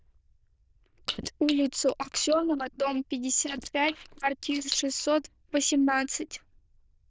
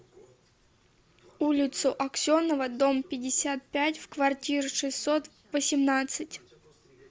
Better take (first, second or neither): second